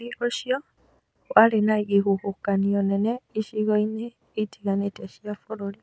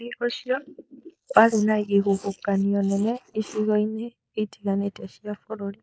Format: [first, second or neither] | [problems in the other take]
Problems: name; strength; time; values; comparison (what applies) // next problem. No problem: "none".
first | noise reduction (neural mask model Resemble Enhance denoiser)